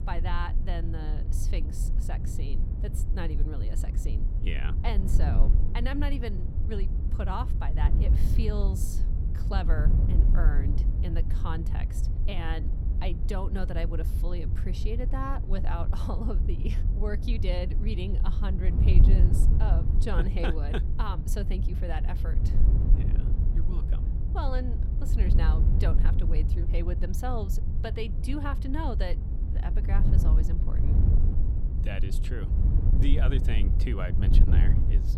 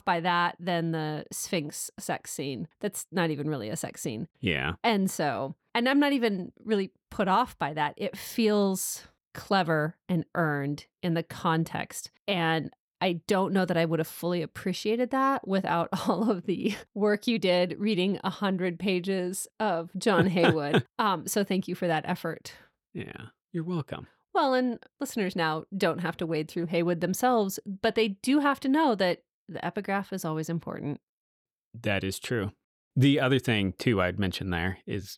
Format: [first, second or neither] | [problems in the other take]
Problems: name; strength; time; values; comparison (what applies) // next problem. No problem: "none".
second | wind noise on the microphone; heavy; 5 dB below the speech